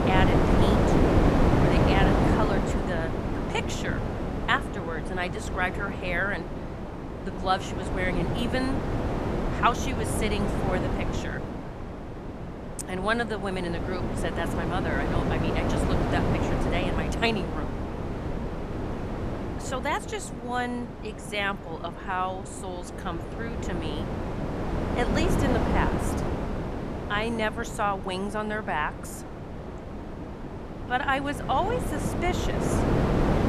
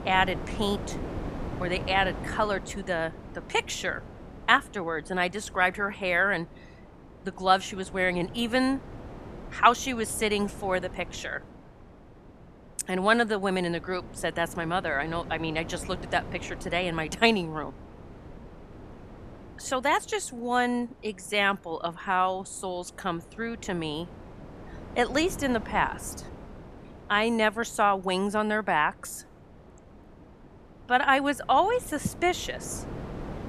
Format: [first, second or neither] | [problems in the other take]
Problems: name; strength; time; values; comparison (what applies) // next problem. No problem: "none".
second | wind noise on the microphone; heavy; 2 dB below the speech; occasional gusts in the second